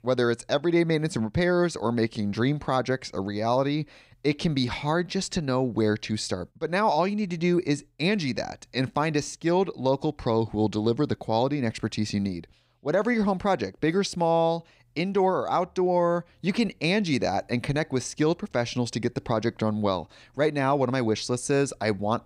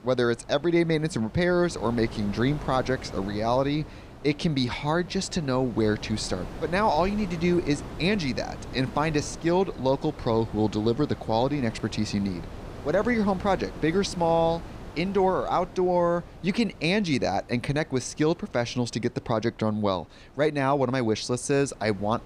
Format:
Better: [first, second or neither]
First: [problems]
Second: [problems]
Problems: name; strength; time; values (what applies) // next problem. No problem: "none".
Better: first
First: none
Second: wind noise on the microphone; occasional gusts; 15 dB below the speech